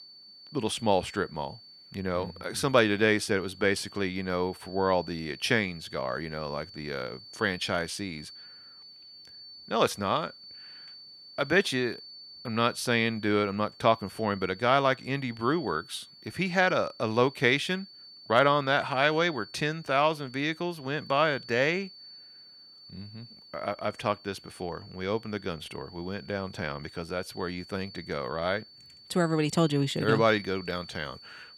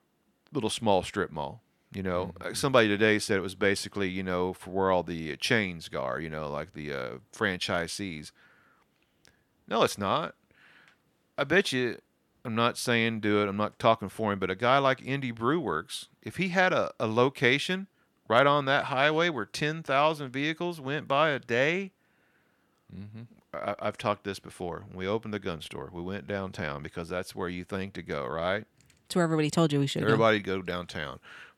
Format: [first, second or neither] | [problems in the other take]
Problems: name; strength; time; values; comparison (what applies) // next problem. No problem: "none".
second | high-pitched whine; noticeable; throughout; 4.5 kHz, 20 dB below the speech